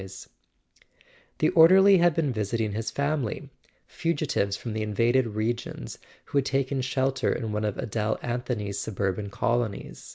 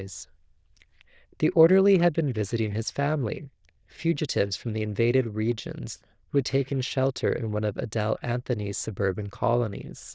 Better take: first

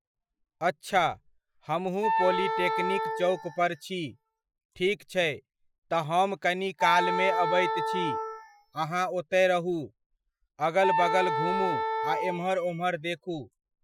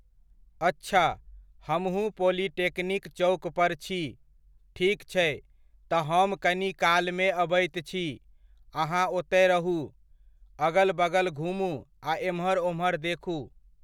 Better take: second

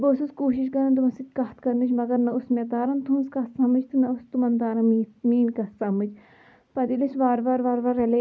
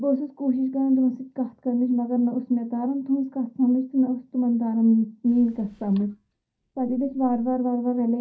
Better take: first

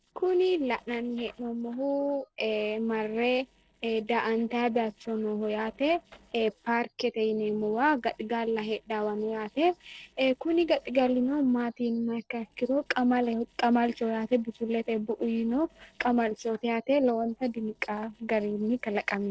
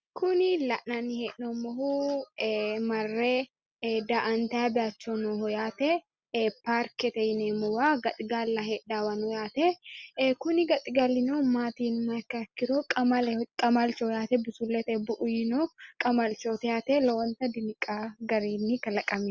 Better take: second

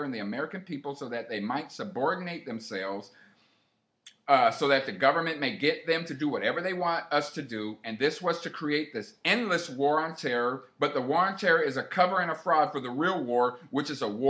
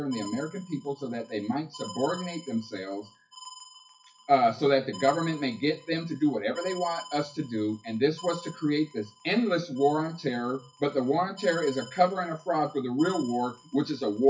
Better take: first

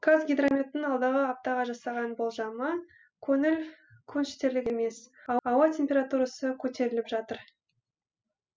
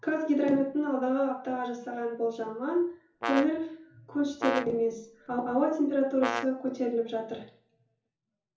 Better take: first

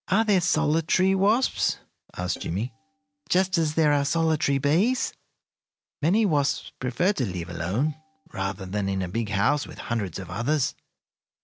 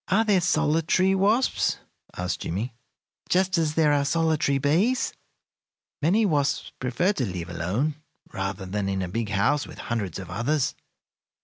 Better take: second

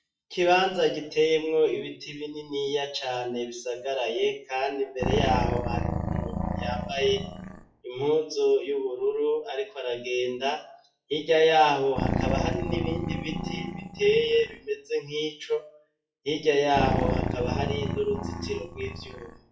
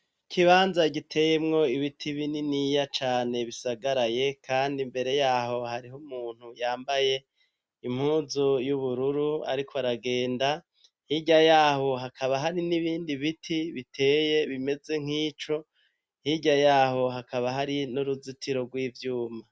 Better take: second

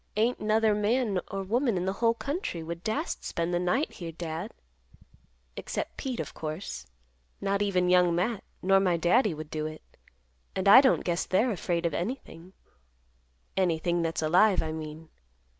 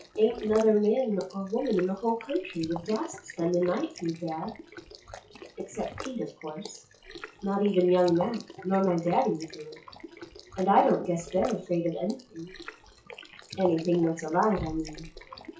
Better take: first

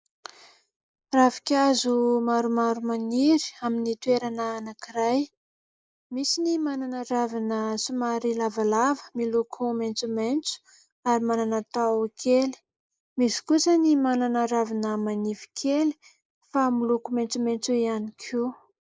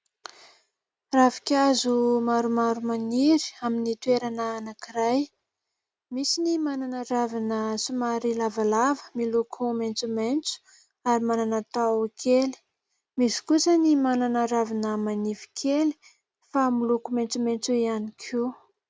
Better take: second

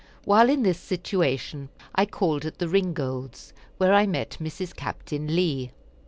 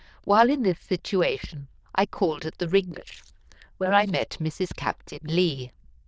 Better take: first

